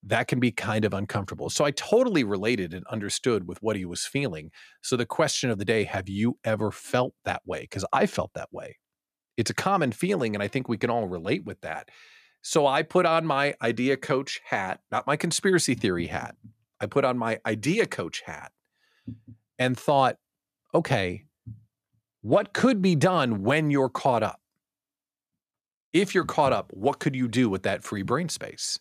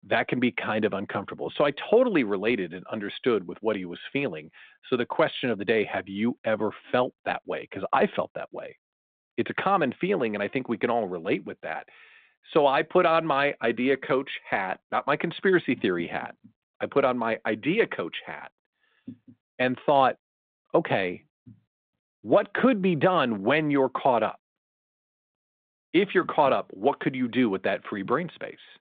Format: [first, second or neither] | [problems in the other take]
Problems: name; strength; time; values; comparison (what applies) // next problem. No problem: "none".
first | phone-call audio; nothing above 3.5 kHz